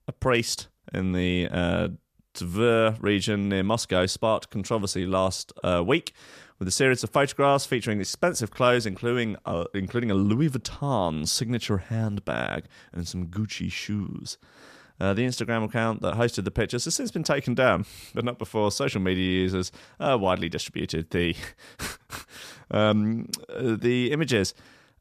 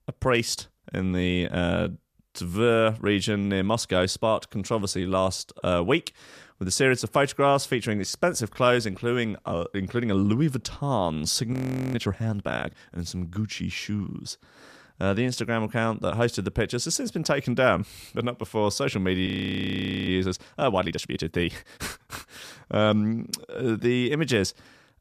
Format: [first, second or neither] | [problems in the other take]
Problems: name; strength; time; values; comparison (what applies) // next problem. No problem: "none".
first | audio freezing; at 12 s and at 19 s for 1 s